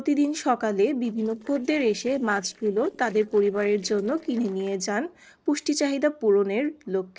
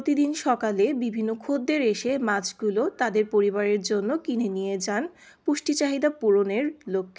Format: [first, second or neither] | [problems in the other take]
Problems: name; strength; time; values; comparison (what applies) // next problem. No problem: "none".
second | noise reduction (neural separator model SepFormer DNS4)